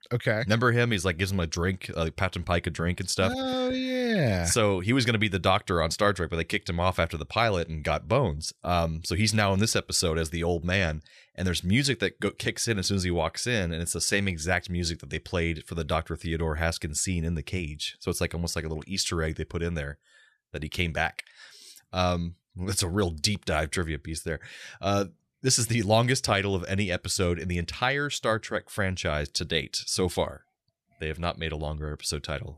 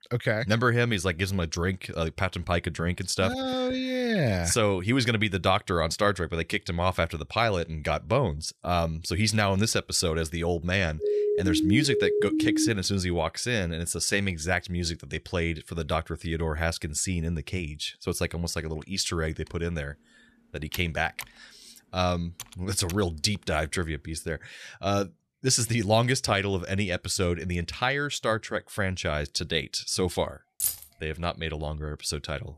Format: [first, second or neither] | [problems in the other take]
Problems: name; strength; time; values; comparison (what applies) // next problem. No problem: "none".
first | siren; loud; from 11 to 13 s; peak 2 dB above the speech // keyboard typing; faint; from 19 to 23 s; peak 15 dB below the speech // jangling keys; noticeable; at 31 s; peak level with the speech